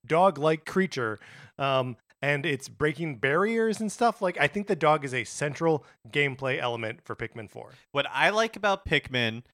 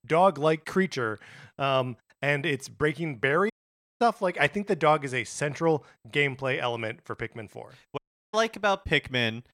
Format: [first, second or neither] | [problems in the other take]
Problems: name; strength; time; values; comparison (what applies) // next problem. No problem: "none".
first | audio cutting out; at 3.5 s for 0.5 s and at 8 s